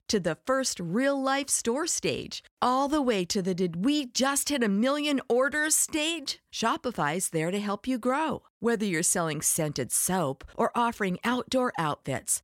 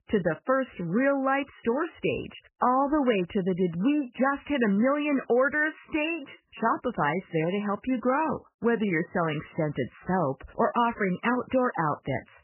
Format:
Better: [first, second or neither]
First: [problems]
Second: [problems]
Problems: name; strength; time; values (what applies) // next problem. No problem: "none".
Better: first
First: none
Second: garbled, watery; badly; nothing above 3 kHz